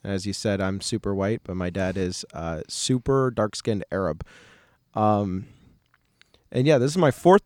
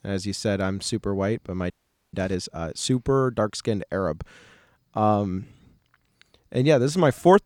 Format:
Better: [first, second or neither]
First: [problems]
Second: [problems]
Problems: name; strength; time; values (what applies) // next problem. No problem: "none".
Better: first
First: none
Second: audio freezing; at 1.5 s